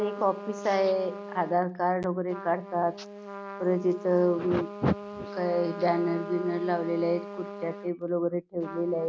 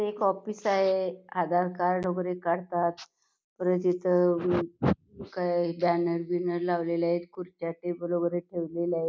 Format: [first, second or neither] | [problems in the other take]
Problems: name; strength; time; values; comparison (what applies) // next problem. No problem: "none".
second | background sound (Trumpet); 12 dB below the speech